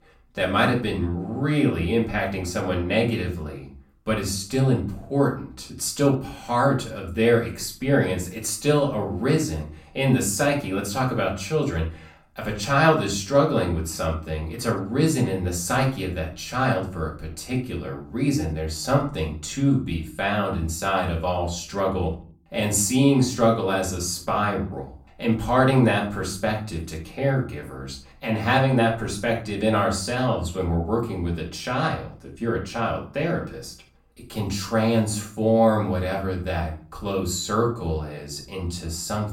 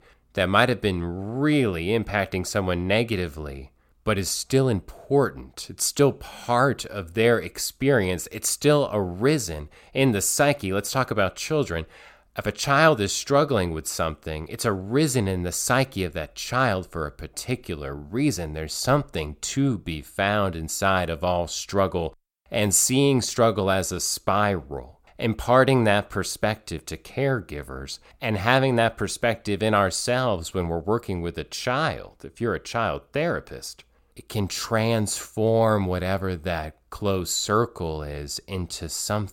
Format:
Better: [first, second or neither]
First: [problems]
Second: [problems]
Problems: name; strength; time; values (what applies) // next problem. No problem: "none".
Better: second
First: room echo; slight; dies away in 0.4 s // off-mic speech; far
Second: none